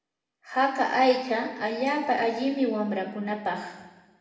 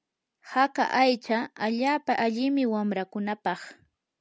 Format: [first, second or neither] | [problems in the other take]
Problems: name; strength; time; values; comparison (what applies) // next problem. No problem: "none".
second | room echo; dies away in 1.1 s